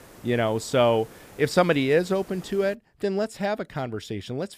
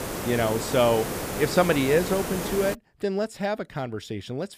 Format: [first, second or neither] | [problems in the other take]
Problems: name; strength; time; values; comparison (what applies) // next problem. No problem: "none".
first | hiss; loud; until 2.5 s; 5 dB below the speech; faint in the first